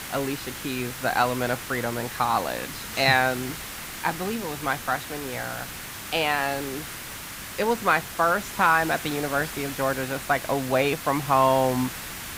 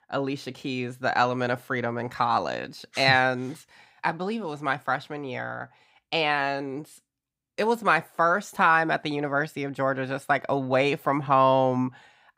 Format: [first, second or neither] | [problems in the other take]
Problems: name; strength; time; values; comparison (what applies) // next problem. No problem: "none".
second | hiss; loud; throughout; 9 dB below the speech